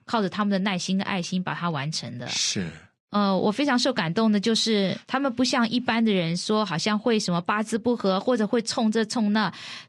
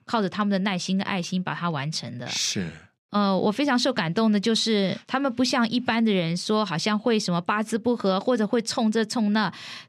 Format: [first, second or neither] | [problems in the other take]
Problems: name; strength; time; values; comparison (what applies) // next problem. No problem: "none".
second | garbled, watery; slightly